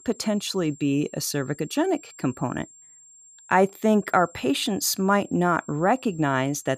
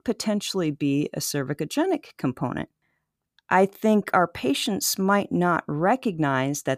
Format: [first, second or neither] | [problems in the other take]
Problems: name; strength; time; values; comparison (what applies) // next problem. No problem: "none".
second | high-pitched whine; faint; throughout; 7.5 kHz, 25 dB below the speech